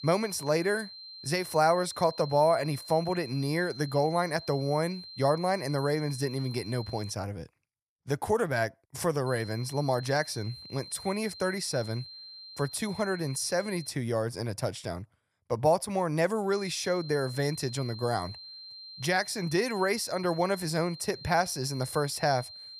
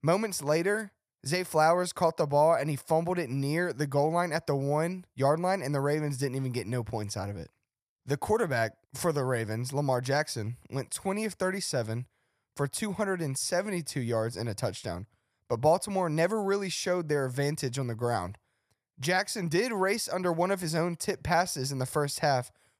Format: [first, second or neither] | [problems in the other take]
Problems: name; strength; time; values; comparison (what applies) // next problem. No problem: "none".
second | high-pitched whine; noticeable; until 7 s, from 9.5 to 14 s and from 17 s on; 4 kHz, 15 dB below the speech